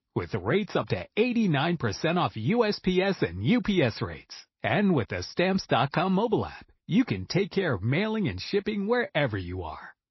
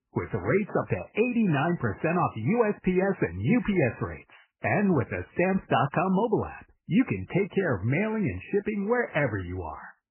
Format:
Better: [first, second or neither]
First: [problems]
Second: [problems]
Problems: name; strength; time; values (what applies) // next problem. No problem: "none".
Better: first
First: garbled, watery; slightly; nothing above 5.5 kHz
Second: garbled, watery; badly; nothing above 3 kHz